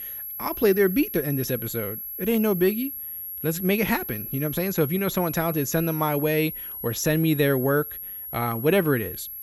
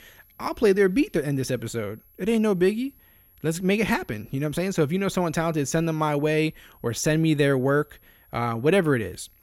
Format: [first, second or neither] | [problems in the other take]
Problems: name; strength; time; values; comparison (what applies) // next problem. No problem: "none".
second | high-pitched whine; loud; throughout; 11.5 kHz, 7 dB below the speech; faint in the second